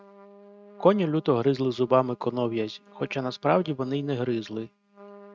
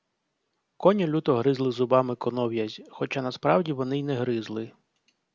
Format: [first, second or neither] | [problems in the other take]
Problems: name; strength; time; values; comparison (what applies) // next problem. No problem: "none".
second | noise reduction (neural mask model RNNoise)